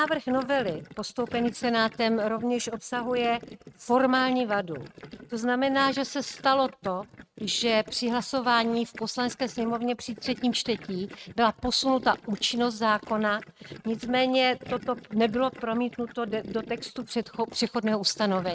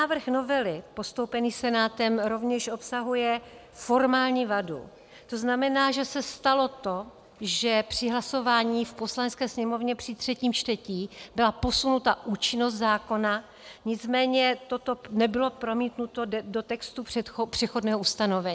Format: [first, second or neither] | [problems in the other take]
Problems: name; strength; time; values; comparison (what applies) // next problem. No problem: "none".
second | noise reduction (neural mask model RNNoise)